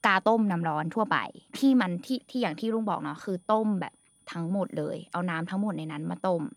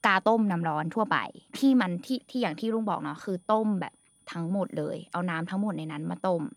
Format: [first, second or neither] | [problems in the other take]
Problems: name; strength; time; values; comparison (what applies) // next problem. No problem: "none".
neither | high-pitched whine; faint; throughout; 9.5 kHz, 35 dB below the speech; the same in both